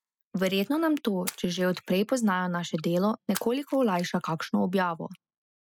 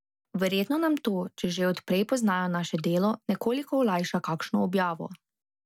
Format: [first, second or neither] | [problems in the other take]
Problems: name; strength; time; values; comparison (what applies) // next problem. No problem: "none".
second | noise reduction (classical method spectral subtraction)